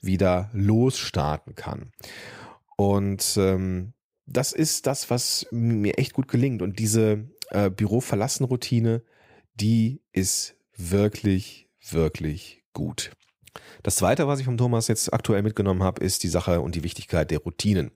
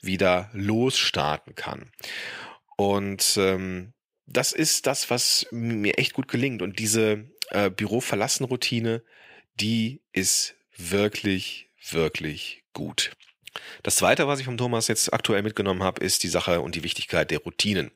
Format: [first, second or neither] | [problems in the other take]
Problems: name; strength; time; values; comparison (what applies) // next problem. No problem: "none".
first | thin; very slightly; fading below 300 Hz